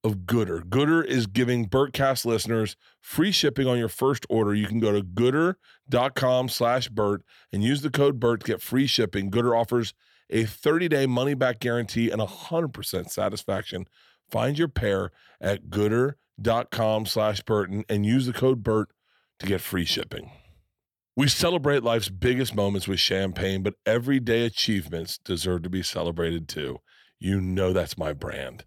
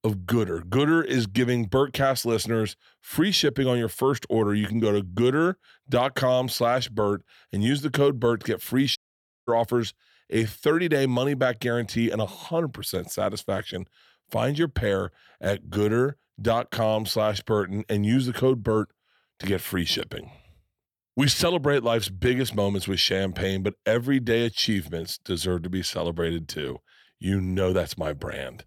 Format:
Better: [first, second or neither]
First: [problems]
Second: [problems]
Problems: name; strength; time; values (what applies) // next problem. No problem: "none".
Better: first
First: none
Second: audio cutting out; at 9 s for 0.5 s